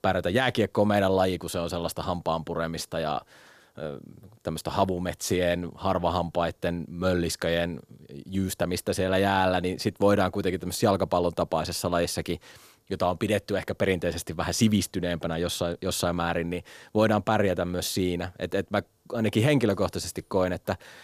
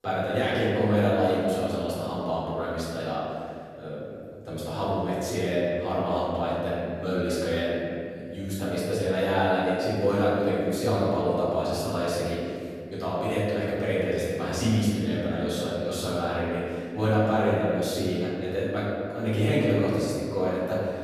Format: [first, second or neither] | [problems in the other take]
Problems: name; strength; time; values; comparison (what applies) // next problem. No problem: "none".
first | off-mic speech; far // room echo; strong; dies away in 2.2 s